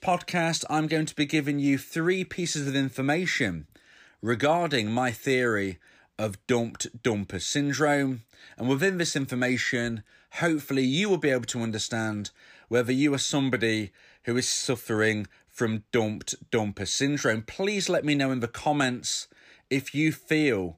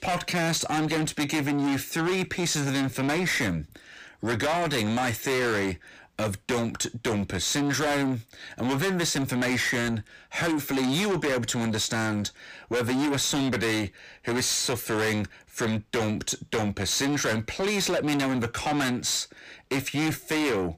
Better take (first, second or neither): first